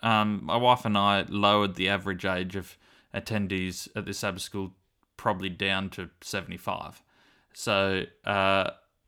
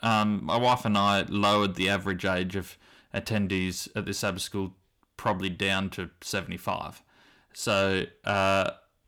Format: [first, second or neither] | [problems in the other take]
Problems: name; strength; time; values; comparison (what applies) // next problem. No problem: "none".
first | distortion; slight; 10 dB below the speech